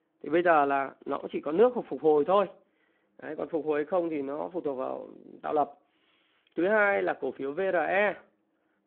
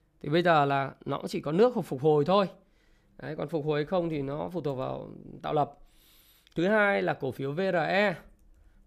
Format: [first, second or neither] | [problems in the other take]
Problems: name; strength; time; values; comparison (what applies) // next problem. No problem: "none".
second | phone-call audio